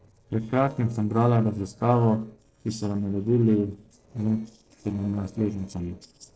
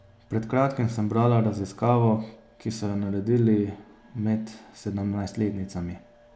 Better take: second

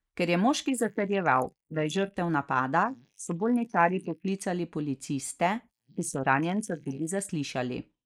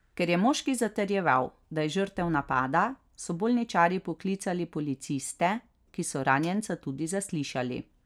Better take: second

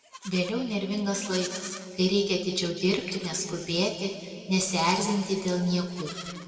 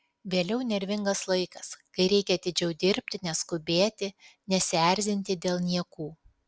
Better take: second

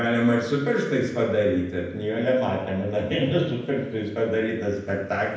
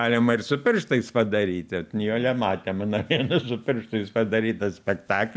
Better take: second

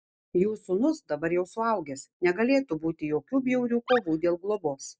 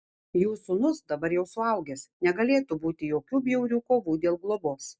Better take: second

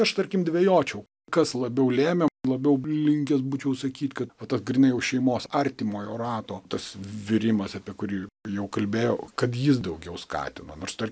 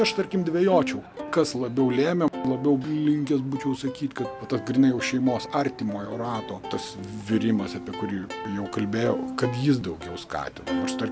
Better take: first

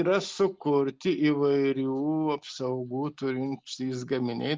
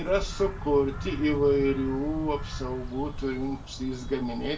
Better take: first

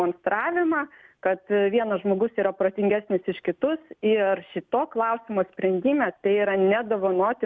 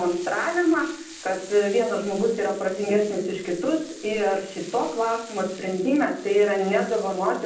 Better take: first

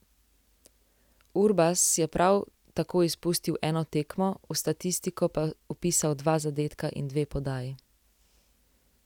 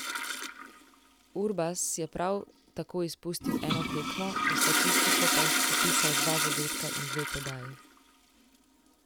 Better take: first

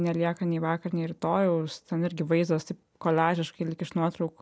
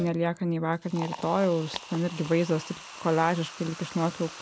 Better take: first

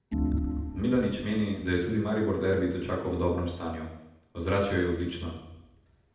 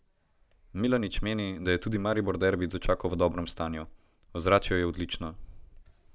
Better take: second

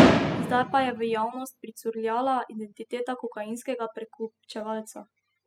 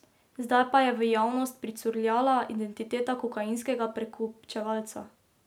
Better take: second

